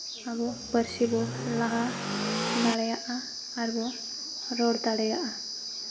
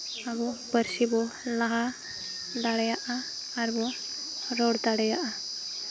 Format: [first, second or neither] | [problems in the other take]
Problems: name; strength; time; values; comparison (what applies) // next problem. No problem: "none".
second | background sound (Accelerating, revving, vroom / Car); 3 dB below the speech // room echo; dies away in 2.3 s